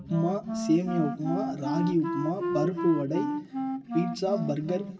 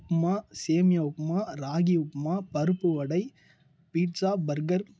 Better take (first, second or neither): second